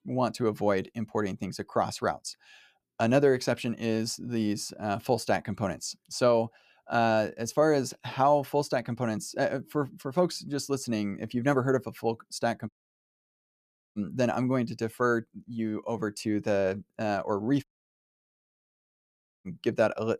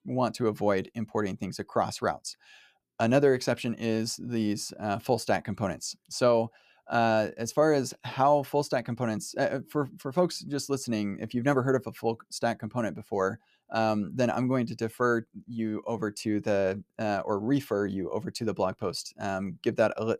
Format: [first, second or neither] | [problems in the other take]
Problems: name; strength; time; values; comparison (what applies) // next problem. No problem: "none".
second | audio cutting out; at 13 s for 1.5 s and at 18 s for 2 s